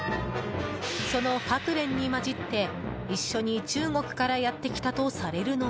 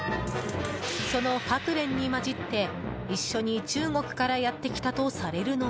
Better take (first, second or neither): first